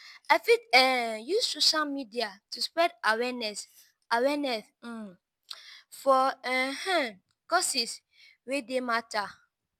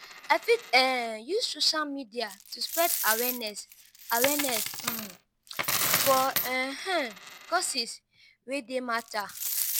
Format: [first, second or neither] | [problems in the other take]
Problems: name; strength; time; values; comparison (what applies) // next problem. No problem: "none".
first | background sound (Coin (dropping)); 4 dB below the speech